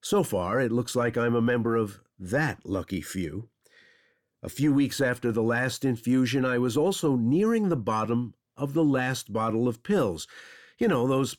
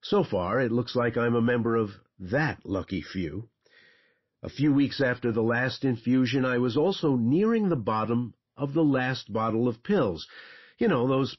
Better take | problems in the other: first | garbled, watery; slightly; nothing above 5.5 kHz

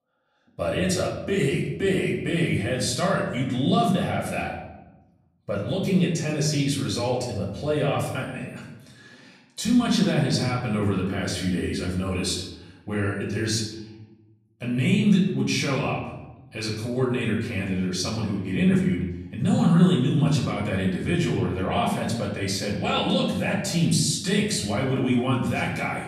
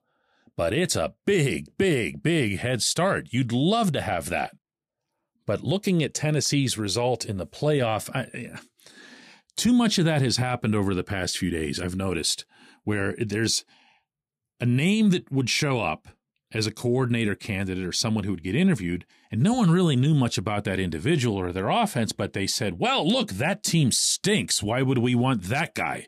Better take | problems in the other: second | off-mic speech; far // room echo; noticeable; dies away in 0.9 s

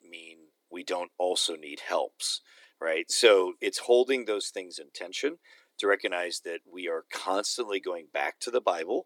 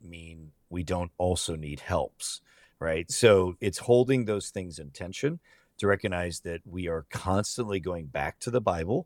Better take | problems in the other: second | thin; somewhat; fading below 300 Hz

